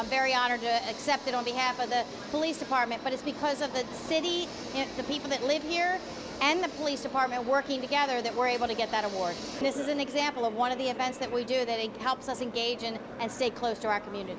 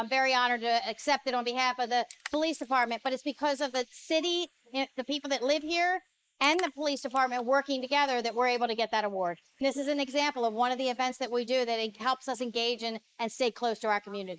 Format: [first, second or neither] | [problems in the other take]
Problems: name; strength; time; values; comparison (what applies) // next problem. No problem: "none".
first | noise reduction (neural mask model Resemble Enhance denoiser)